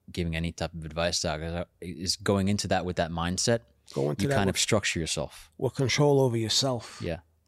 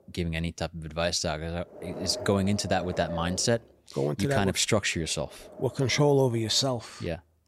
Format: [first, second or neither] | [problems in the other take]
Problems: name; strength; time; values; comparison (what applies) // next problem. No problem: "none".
first | wind noise on the microphone; occasional gusts; 10 dB below the speech